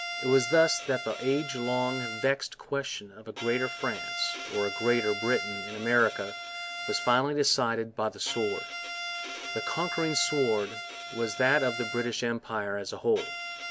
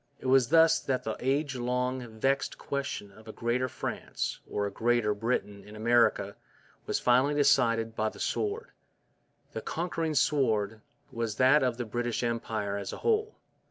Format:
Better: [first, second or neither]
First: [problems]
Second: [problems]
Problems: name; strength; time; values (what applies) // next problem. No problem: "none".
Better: second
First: background sound (Bowed string instrument); 8 dB below the speech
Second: none